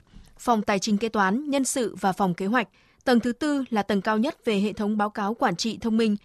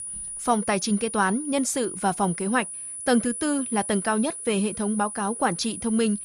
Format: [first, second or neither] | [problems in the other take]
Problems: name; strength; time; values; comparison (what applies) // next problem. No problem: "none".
first | high-pitched whine; loud; throughout; 10 kHz, 7 dB below the speech